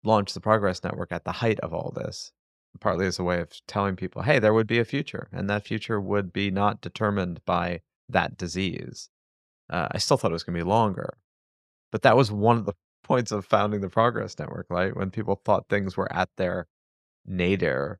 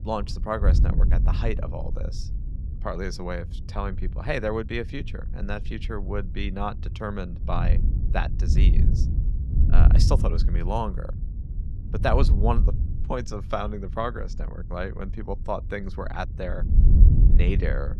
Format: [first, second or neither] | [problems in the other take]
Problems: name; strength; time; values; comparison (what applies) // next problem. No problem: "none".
first | wind noise on the microphone; occasional gusts; 10 dB below the speech